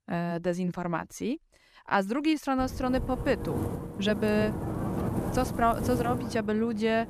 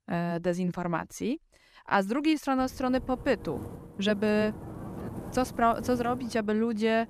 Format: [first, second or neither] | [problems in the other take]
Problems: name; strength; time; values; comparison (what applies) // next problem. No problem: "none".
second | wind noise on the microphone; heavy; from 2.5 s on; 8 dB below the speech; occasional gusts in the second